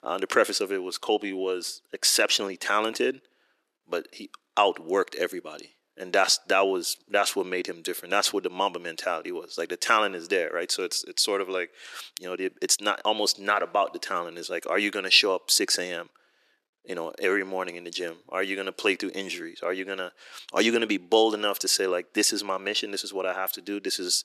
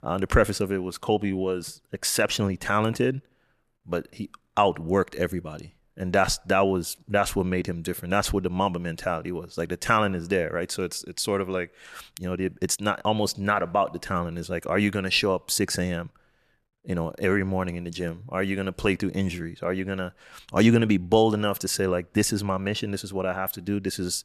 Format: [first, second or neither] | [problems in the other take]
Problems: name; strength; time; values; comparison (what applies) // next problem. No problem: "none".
second | thin; somewhat; fading below 300 Hz